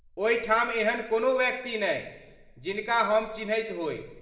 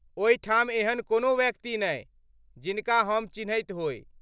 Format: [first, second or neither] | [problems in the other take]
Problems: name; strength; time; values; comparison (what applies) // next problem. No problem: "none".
second | room echo; dies away in 0.9 s